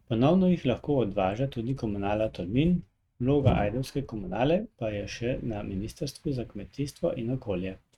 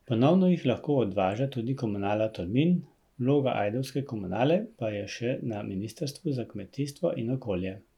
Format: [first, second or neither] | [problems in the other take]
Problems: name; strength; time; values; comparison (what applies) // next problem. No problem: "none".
second | noise reduction (neural mask model RNNoise)